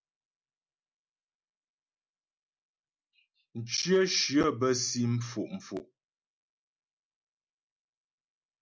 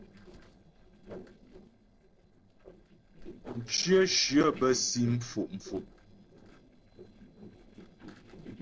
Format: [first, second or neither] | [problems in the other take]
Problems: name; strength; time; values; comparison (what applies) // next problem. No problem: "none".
first | noise reduction (neural separator model SepFormer DNS4)